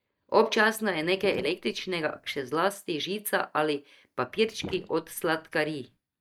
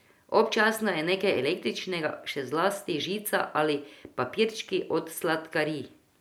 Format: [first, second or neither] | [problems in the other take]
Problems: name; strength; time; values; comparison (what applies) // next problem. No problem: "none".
second | noise reduction (neural mask model DeepFilterNet 3)